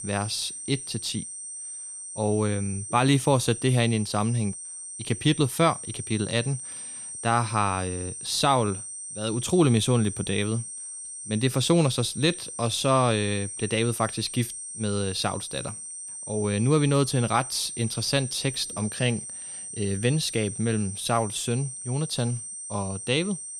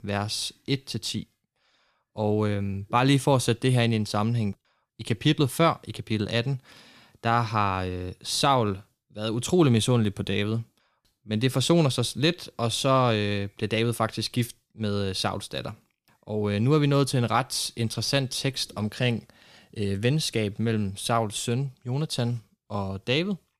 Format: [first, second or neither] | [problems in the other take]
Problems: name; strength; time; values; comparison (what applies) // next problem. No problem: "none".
second | high-pitched whine; loud; throughout; 8.5 kHz, 8 dB below the speech